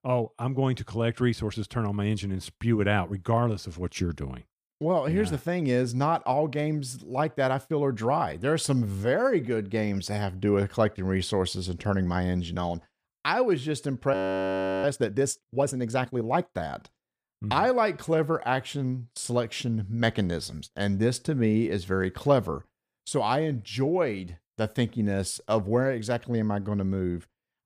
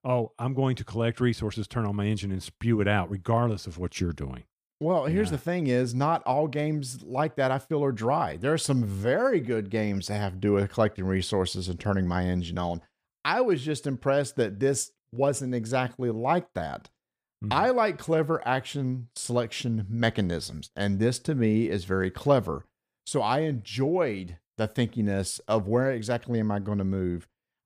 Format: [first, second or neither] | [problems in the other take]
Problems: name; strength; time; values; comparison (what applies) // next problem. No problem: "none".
second | audio freezing; at 14 s for 0.5 s